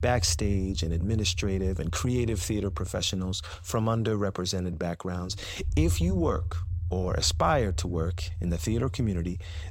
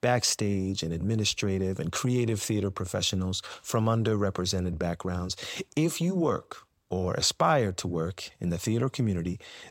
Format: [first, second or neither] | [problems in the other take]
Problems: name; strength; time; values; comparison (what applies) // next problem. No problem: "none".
second | low rumble; noticeable; throughout; 20 dB below the speech